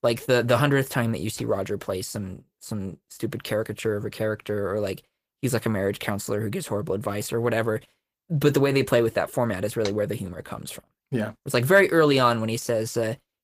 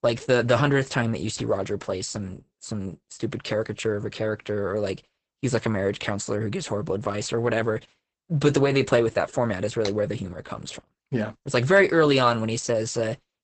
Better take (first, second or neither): first